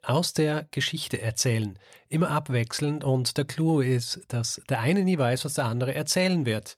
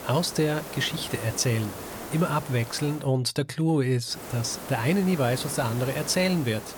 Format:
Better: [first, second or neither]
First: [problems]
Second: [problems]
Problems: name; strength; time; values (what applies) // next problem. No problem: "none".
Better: first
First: none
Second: hiss; noticeable; until 3 s and from 4 s on; 10 dB below the speech